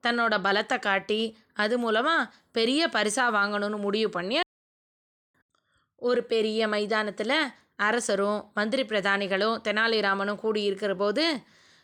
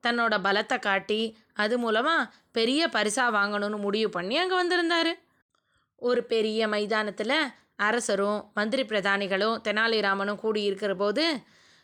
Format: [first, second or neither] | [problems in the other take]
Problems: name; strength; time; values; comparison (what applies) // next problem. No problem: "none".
second | audio cutting out; at 4.5 s for 1 s